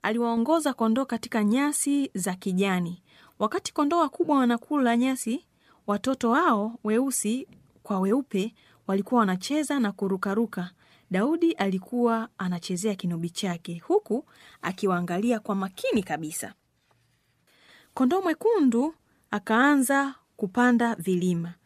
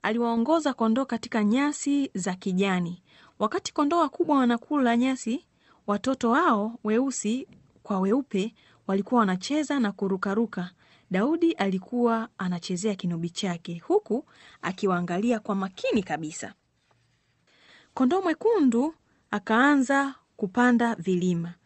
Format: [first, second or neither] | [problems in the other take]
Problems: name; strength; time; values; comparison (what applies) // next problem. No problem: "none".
first | garbled, watery; slightly; nothing above 8 kHz